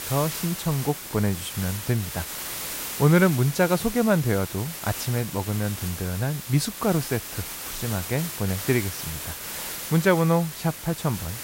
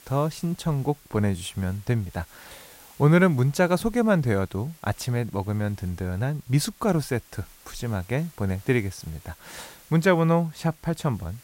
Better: second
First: hiss; loud; throughout; 8 dB below the speech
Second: hiss; faint; throughout; 25 dB below the speech

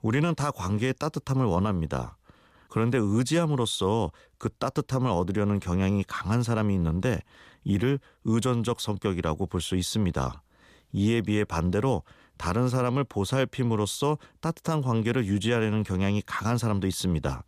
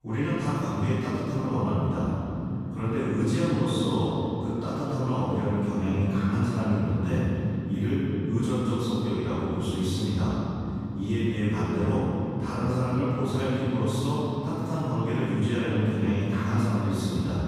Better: first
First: none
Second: off-mic speech; far // room echo; strong; dies away in 3 s

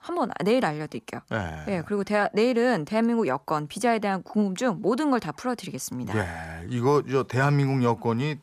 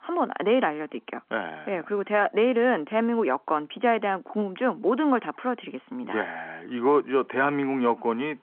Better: first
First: none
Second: phone-call audio

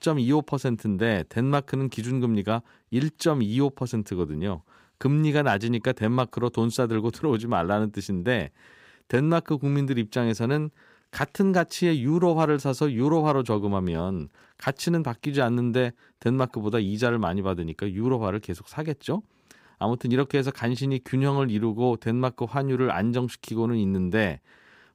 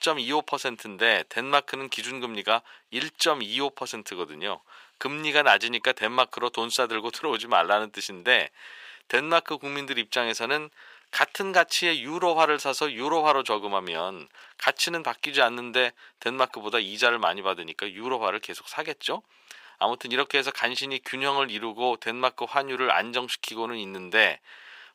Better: first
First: none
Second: thin; very; fading below 750 Hz

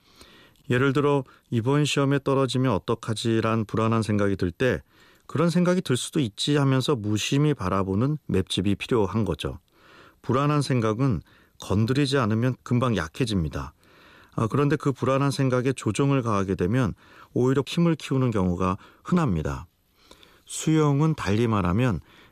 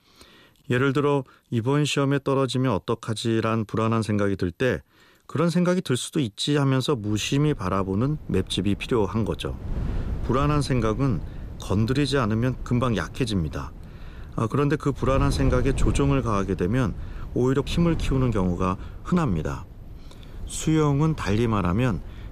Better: first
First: none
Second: wind noise on the microphone; occasional gusts; from 7 s on; 20 dB below the speech

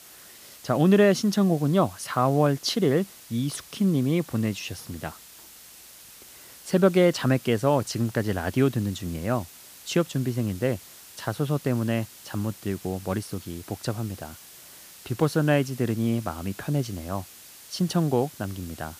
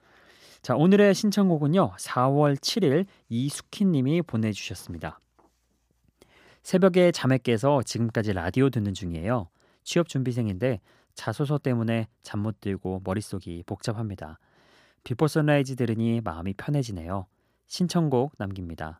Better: second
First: hiss; noticeable; throughout; 20 dB below the speech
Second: none

